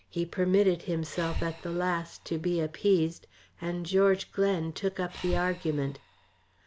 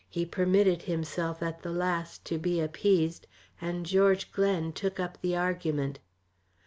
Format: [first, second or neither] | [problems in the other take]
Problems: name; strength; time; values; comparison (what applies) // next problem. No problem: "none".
second | background sound (Breathing); 13 dB below the speech